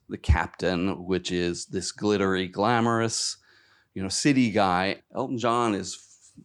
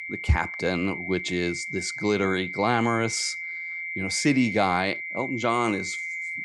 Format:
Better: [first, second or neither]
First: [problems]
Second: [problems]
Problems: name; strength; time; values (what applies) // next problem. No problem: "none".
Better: first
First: none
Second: high-pitched whine; loud; throughout; 2 kHz, 6 dB below the speech